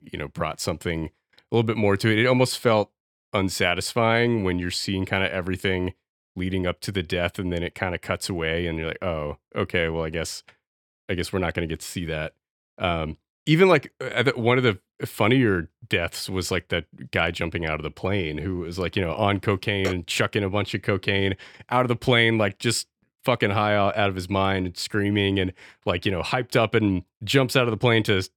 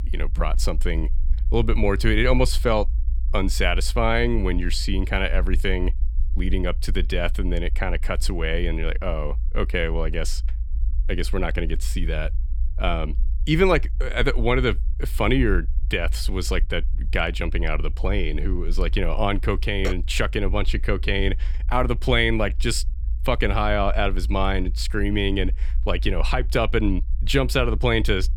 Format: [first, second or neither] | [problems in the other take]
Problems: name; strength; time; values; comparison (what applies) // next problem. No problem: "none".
first | low rumble; faint; throughout; 25 dB below the speech